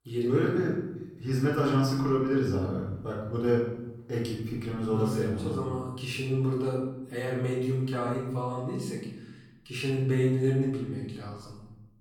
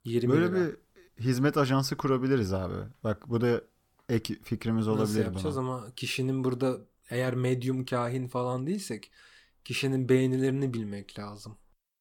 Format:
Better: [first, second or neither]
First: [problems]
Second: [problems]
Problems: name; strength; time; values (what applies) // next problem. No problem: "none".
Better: second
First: off-mic speech; far // room echo; noticeable; dies away in 1 s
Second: none